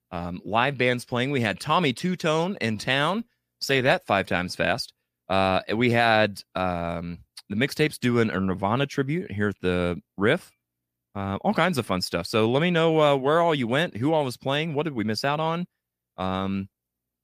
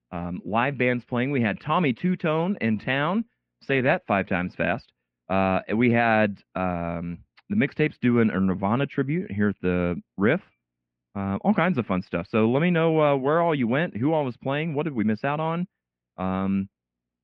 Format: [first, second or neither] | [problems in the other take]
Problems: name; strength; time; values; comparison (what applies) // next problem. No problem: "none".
first | muffled; very; fading above 2.5 kHz